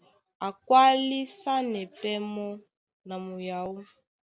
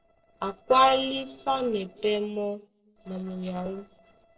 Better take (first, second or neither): first